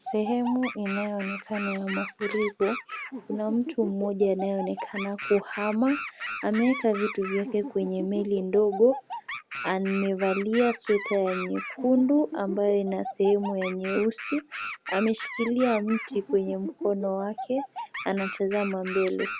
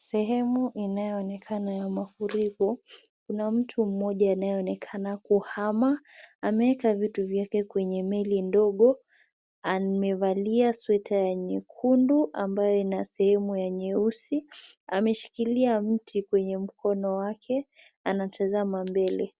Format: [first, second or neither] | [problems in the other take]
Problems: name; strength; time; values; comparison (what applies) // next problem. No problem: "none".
second | background sound (Animal); 10 dB below the speech